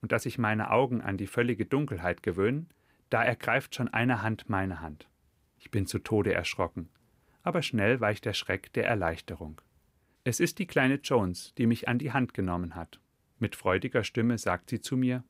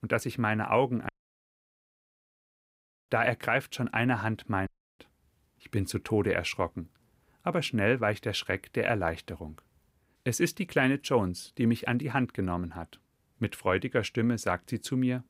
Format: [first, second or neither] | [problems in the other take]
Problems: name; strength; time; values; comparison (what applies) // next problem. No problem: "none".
first | audio cutting out; at 1 s for 2 s and at 4.5 s